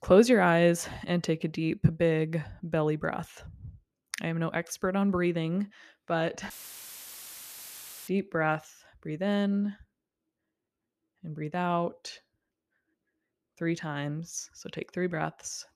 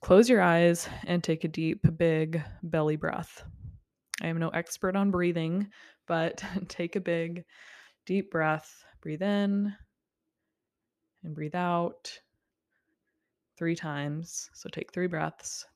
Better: second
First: audio cutting out; filled with static; at 6.5 s for 1.5 s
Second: none

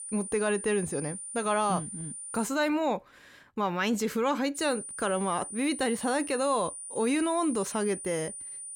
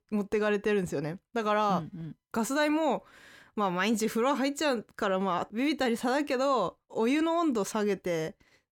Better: second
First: high-pitched whine; loud; until 2.5 s and from 4.5 s on; 9.5 kHz, 8 dB below the speech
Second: none

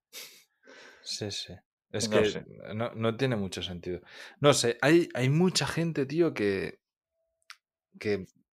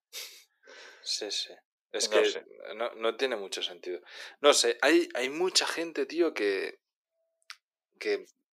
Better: first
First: none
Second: thin; very; fading below 350 Hz

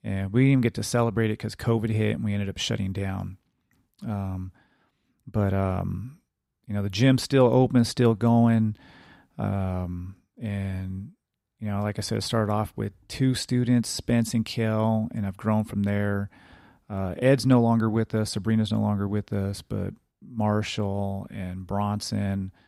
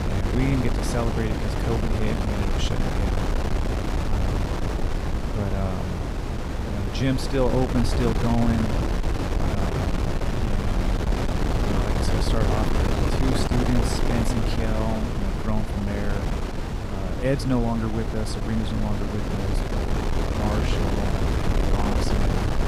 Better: first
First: none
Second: wind noise on the microphone; heavy; 1 dB above the speech

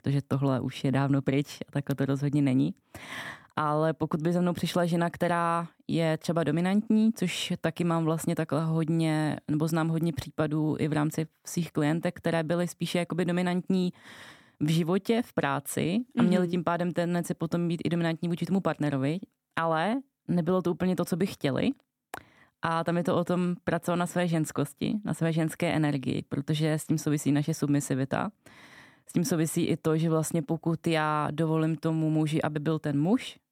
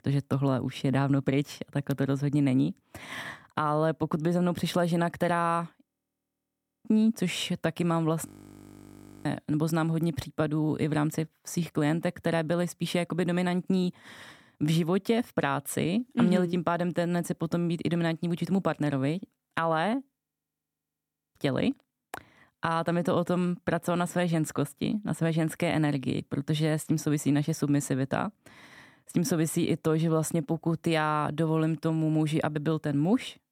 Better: first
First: none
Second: audio freezing; at 6 s for 1 s, at 8.5 s for 1 s and at 20 s for 1 s

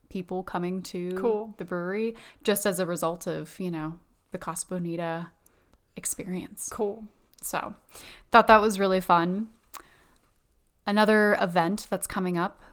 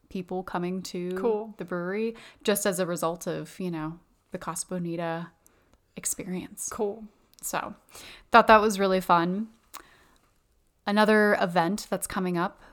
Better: second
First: garbled, watery; slightly; nothing above 19 kHz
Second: none

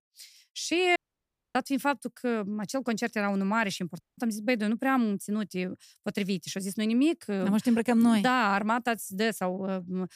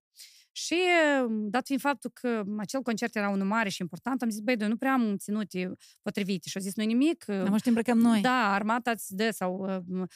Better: second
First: audio cutting out; at 1 s for 0.5 s and at 4 s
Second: none

